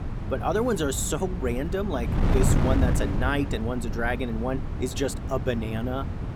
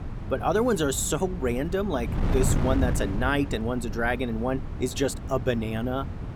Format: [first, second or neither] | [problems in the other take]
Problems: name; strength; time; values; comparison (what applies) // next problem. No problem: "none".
second | wind noise on the microphone; heavy; 7 dB below the speech; occasional gusts in the second